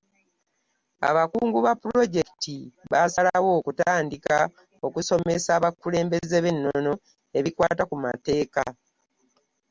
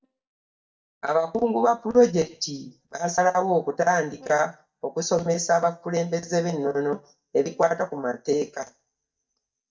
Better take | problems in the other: first | noise reduction (neural mask model DeepFilterNet 3)

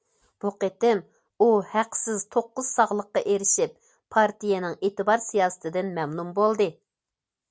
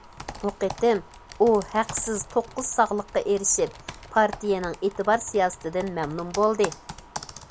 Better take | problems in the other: first | background sound (Computer keyboard); 15 dB below the speech

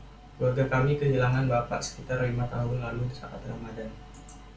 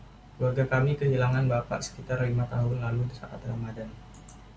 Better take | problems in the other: second | room echo; dies away in 0.3 s

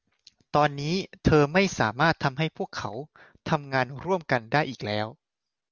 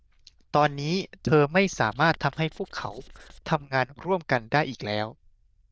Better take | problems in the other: first | noise reduction (neural diffusion model UNIVERSE++)

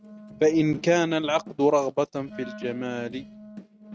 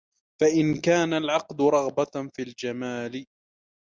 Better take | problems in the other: second | noise reduction (neural mask model RNNoise)

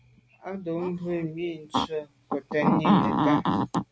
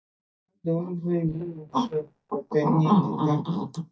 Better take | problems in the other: first | noise reduction (neural mask model DeepFilterNet 3)

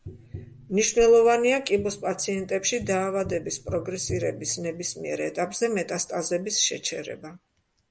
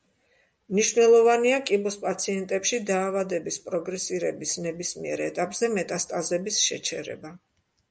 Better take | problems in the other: second | background sound (Tap); 17 dB below the speech

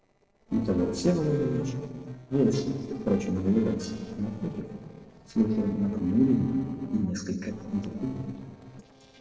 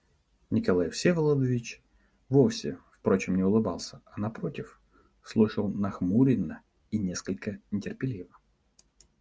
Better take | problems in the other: second | noise reduction (neural separator model SepFormer DNS4)

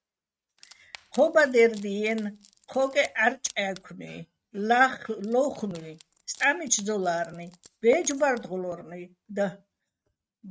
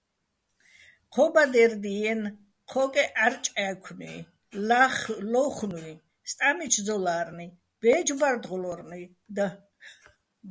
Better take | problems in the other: second | noise reduction (neural mask model RNNoise)

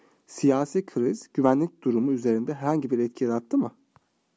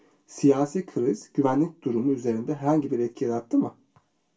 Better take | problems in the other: first | room echo; dies away in 0.2 s

